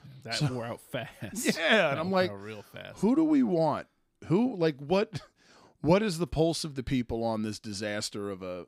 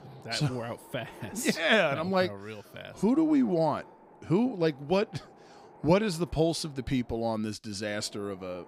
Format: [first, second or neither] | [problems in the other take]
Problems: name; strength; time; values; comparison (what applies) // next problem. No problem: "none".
first | wind noise on the microphone; occasional gusts; 25 dB below the speech